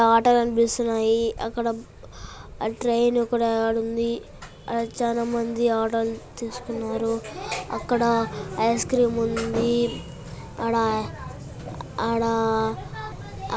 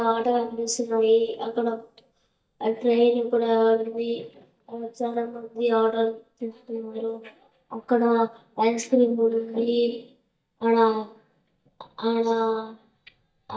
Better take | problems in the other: first | noise reduction (neural mask model DeepFilterNet 3)

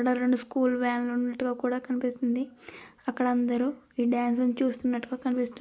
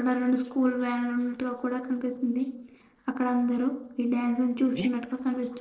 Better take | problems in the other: first | noise reduction (neural separator model SepFormer DNS4)

